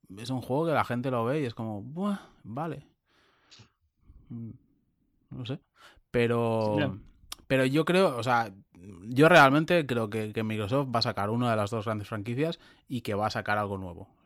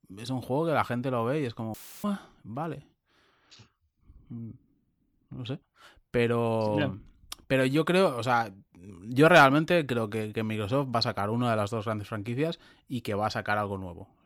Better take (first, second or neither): first